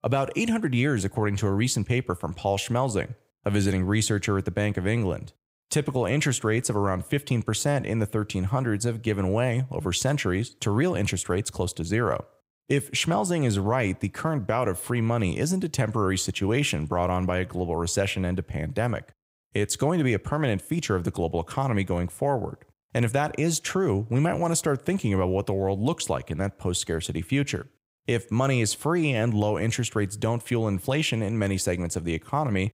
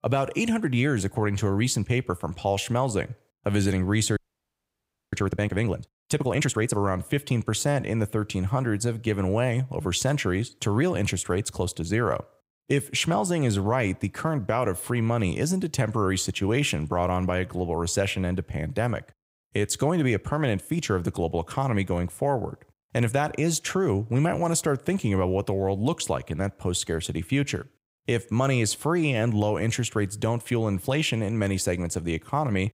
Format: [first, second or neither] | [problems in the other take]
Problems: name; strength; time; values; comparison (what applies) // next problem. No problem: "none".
first | audio freezing; at 4 s for 1 s